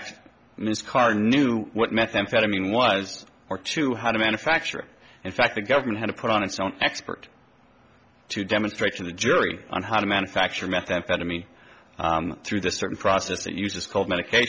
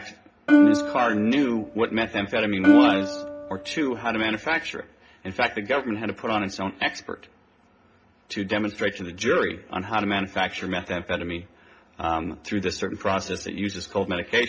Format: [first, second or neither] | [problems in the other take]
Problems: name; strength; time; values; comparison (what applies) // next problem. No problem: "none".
first | background sound (Plucked string instrument); 4 dB above the speech // room echo; dies away in 0.3 s